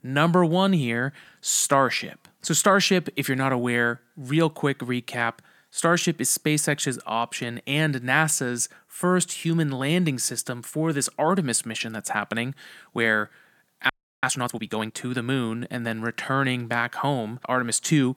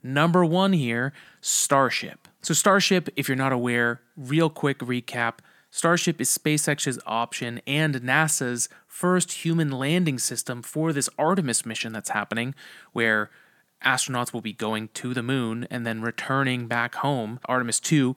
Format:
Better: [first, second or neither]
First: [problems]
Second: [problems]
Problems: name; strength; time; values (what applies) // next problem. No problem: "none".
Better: second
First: audio freezing; at 14 s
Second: none